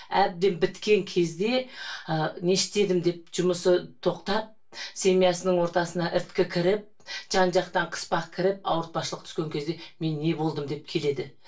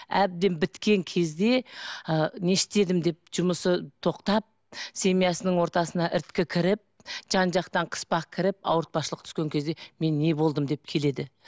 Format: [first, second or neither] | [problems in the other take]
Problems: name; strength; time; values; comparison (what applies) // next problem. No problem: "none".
second | room echo; dies away in 0.2 s